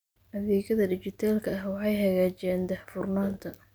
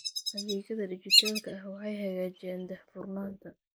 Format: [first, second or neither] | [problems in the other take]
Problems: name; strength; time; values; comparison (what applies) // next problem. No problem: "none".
first | noise reduction (neural mask model Resemble Enhance denoiser)